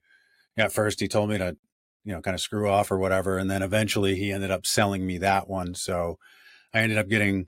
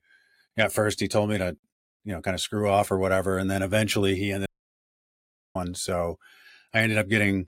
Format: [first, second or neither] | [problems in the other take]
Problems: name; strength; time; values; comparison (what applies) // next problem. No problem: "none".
first | audio cutting out; at 4.5 s for 1 s